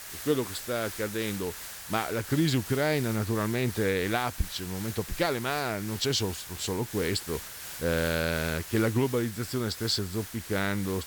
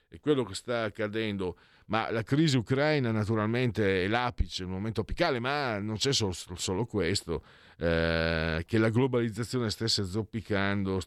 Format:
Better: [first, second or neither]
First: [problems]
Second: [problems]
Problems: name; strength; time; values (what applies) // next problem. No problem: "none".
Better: second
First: hiss; loud; throughout; 9 dB below the speech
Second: none